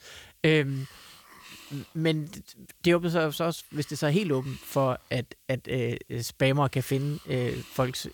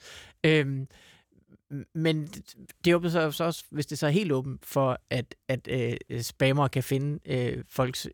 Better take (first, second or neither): second